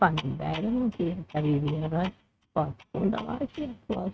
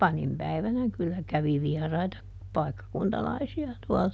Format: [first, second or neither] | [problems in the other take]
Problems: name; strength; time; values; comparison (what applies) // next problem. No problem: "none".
second | noise reduction (neural mask model RNNoise)